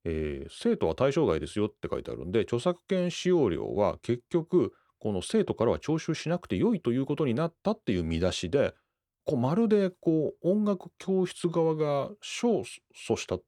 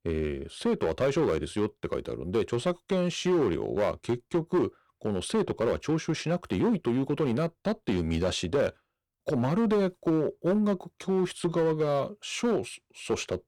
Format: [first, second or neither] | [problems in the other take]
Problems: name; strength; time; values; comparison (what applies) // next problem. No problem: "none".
first | distortion; slight; 8% of the sound clipped